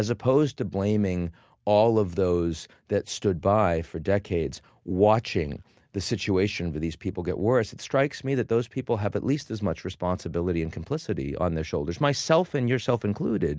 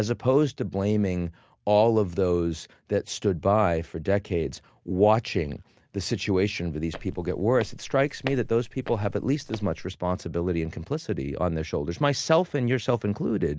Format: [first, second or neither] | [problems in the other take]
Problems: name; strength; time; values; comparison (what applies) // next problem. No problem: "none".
first | background sound (Walk, footsteps); 14 dB below the speech